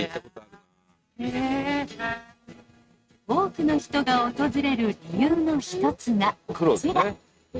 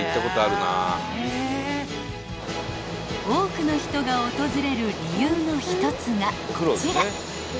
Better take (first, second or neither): second